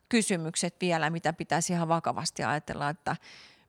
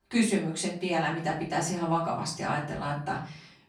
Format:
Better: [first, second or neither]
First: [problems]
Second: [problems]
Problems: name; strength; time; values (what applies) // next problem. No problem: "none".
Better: first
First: none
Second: off-mic speech; far // room echo; slight; dies away in 0.4 s